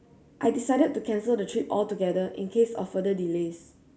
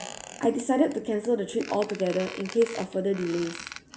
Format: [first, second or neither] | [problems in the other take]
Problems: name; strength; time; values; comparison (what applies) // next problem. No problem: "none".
first | background sound (Squeak); 15 dB below the speech